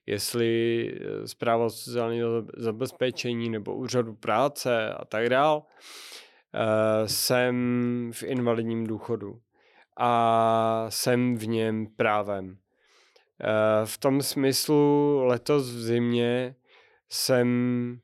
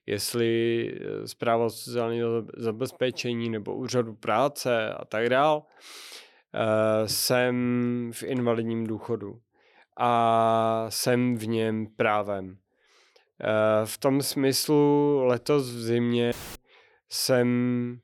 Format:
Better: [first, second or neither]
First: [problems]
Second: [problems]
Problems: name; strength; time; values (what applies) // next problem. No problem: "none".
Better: first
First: none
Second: audio cutting out; filled with static; at 16 s